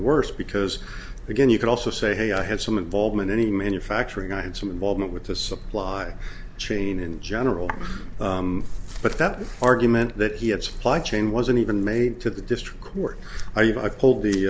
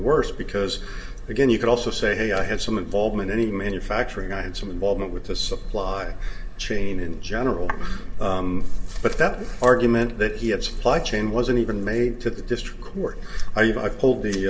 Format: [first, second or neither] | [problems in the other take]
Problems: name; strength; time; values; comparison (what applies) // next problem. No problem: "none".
first | room echo; dies away in 2.2 s